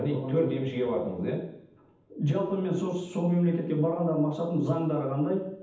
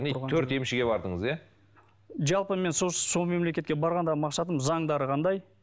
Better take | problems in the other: second | room echo; dies away in 0.8 s

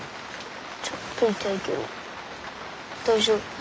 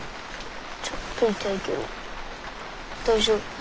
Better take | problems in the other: first | background sound (Chewing, mastication); 11 dB below the speech

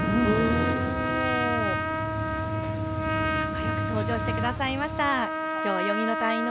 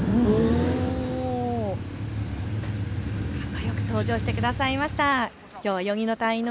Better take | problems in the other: second | background sound (Trumpet); 1 dB below the speech

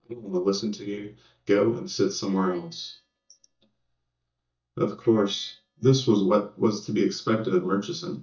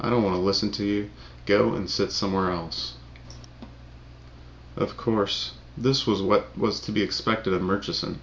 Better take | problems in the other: second | noise reduction (neural mask model DeepFilterNet 3)

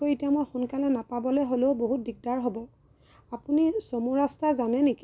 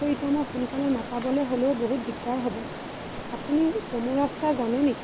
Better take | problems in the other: first | background sound (Stream); 9 dB below the speech

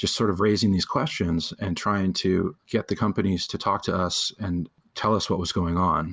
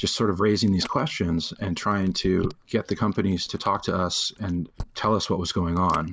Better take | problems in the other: first | noise reduction (neural mask model Resemble Enhance denoiser)

